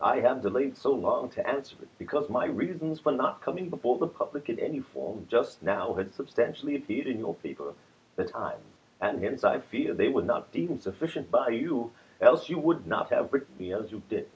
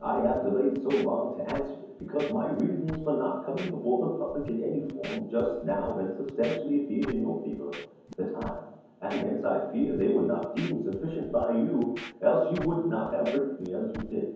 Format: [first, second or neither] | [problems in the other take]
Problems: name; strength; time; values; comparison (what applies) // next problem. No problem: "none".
first | background sound (Scratching (performance technique)); 17 dB below the speech // room echo; dies away in 0.9 s